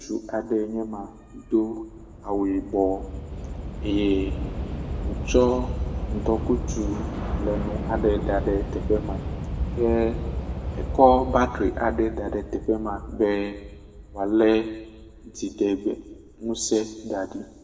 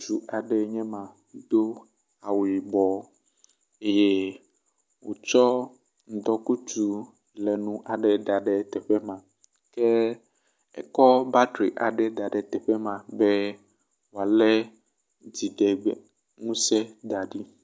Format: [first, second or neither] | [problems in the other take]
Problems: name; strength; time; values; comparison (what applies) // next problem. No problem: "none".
second | background sound (Subway, metro, underground / Train); 6 dB below the speech // room echo; dies away in 1.4 s